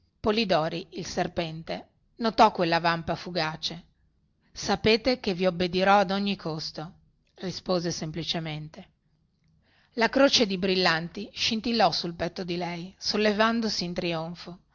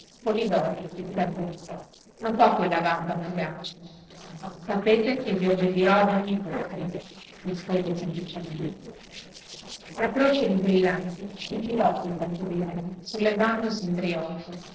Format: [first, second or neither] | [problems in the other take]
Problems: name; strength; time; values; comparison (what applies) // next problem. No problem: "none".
first | noise reduction (neural separator model SepFormer DNS4)